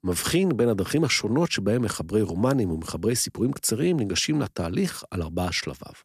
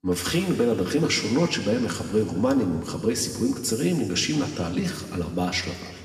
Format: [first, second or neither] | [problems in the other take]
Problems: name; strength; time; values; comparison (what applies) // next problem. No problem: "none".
first | room echo; noticeable; dies away in 2.2 s // off-mic speech; somewhat distant